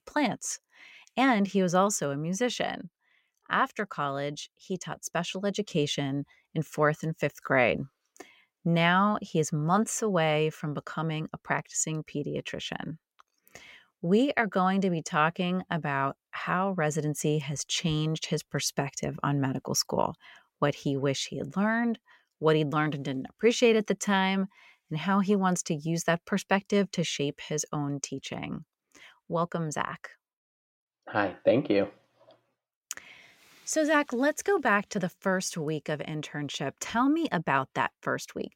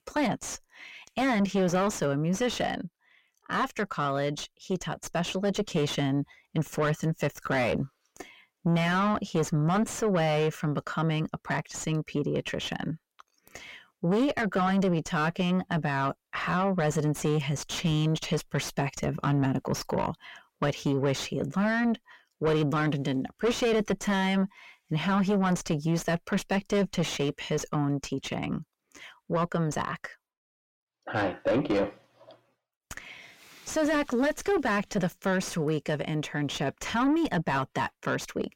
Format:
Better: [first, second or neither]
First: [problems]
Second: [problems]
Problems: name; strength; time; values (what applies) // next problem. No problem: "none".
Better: first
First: none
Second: distortion; heavy; 6 dB below the speech